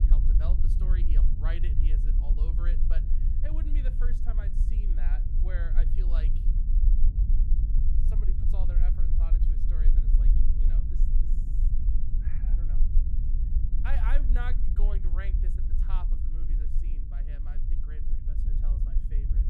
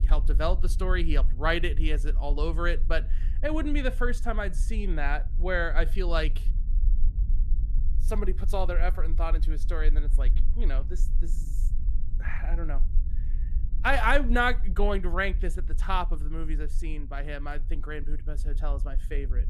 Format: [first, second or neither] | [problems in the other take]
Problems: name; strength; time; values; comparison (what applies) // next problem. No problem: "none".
second | low rumble; loud; throughout; 4 dB below the speech; faint in the second